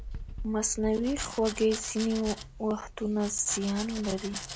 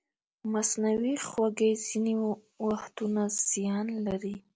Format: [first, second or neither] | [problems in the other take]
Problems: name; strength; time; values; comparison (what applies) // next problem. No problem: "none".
second | background sound (Domestic sounds, home sounds); 10 dB below the speech